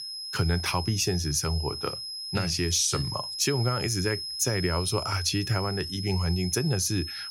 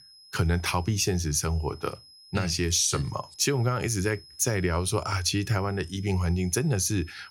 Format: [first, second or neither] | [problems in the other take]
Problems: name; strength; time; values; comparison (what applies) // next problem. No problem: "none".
second | high-pitched whine; loud; throughout; 5 kHz, 6 dB below the speech; faint in the second